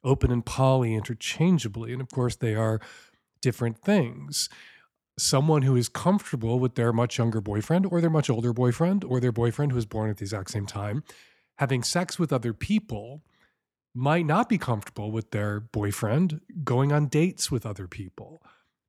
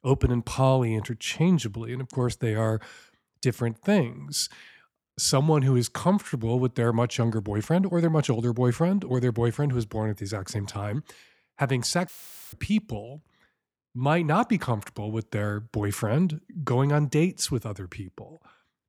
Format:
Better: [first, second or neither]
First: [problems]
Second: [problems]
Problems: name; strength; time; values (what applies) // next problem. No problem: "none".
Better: first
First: none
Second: audio cutting out; filled with static; at 12 s